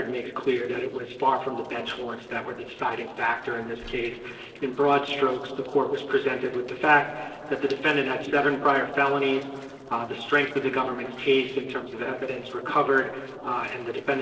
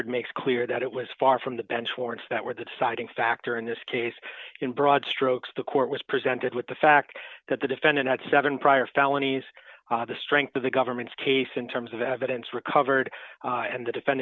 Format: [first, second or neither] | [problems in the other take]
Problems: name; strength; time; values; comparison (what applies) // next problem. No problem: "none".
second | noise reduction (neural separator model SepFormer DNS4)